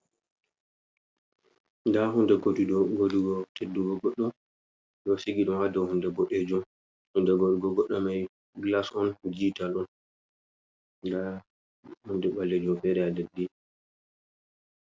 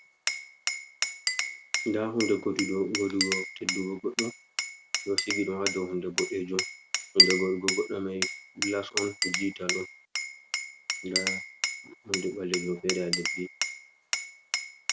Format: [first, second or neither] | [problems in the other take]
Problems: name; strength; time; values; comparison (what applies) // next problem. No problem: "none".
first | background sound (Glass); 1 dB above the speech